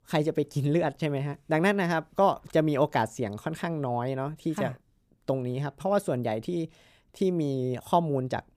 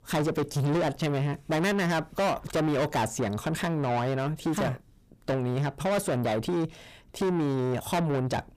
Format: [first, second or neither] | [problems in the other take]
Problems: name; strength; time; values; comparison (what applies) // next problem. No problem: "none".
first | distortion; heavy; 5 dB below the speech